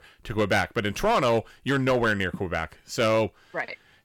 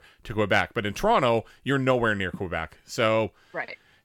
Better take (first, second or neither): second